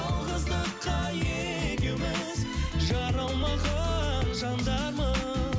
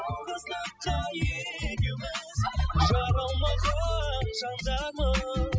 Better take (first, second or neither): first